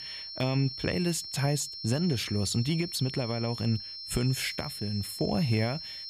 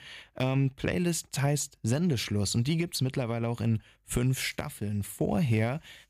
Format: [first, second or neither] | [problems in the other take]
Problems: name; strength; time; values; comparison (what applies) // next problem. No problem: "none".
second | high-pitched whine; loud; throughout; 5.5 kHz, 7 dB below the speech